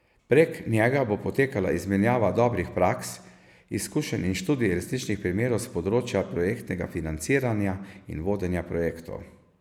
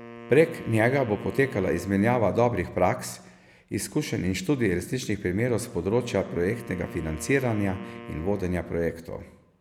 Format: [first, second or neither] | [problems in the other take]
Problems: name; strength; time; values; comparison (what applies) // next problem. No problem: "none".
first | background sound (Wind instrument, woodwind instrument); 18 dB below the speech